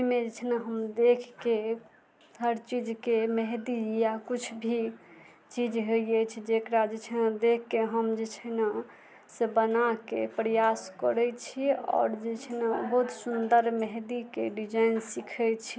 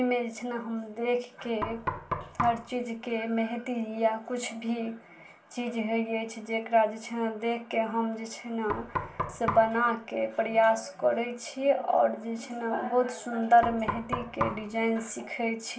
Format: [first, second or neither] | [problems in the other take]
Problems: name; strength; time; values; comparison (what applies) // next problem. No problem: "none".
first | background sound (Knock); 7 dB below the speech // room echo; dies away in 0.3 s